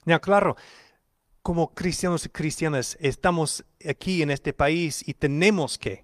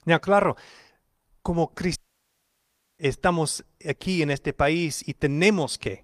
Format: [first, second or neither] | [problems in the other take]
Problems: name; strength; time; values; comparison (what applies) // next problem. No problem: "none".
first | audio cutting out; at 2 s for 1 s